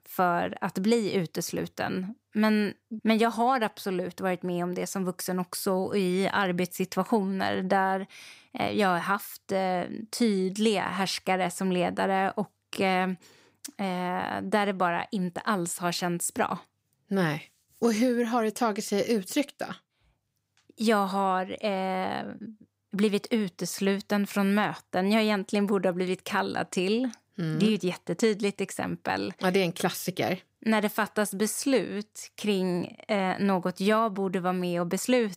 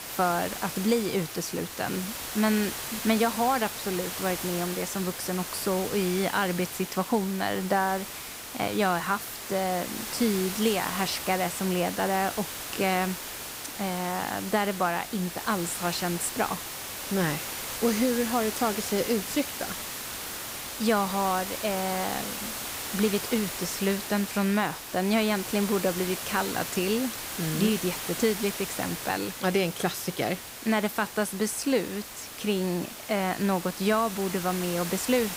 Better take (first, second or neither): first